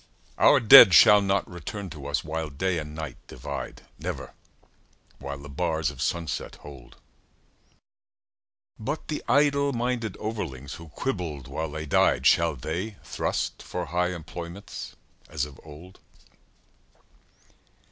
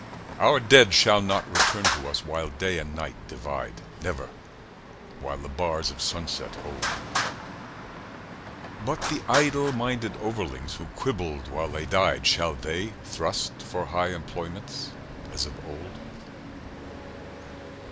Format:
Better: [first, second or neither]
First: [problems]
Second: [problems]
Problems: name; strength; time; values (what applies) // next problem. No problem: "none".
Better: first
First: none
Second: background sound (Traffic noise, roadway noise); 7 dB below the speech